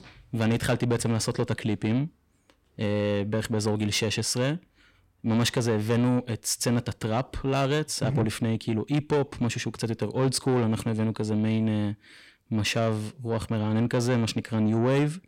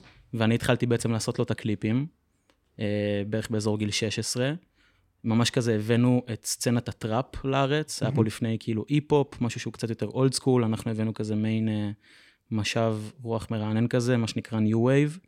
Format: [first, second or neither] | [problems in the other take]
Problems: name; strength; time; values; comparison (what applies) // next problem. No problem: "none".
second | distortion; slight; 10 dB below the speech